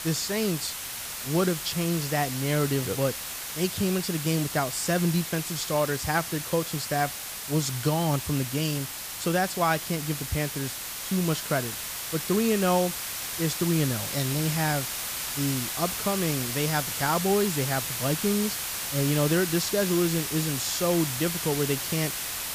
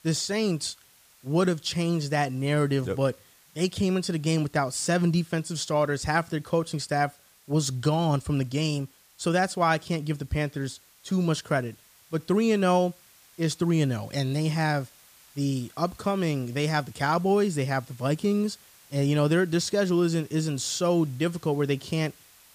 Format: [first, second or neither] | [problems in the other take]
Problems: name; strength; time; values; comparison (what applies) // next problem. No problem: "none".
second | hiss; loud; throughout; 3 dB below the speech; faint in the second